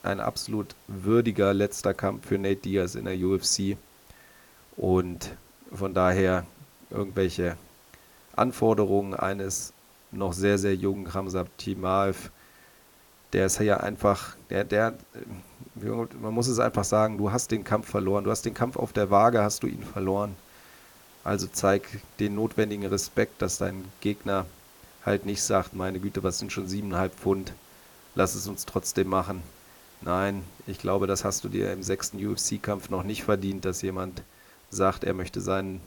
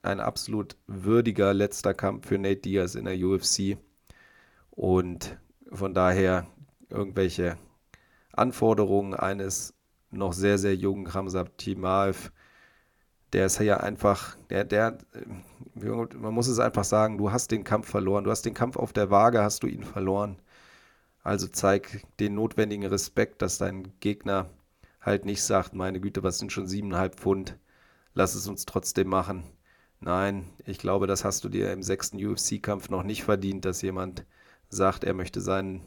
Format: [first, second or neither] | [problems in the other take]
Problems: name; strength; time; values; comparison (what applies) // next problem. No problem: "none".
second | hiss; faint; throughout; 25 dB below the speech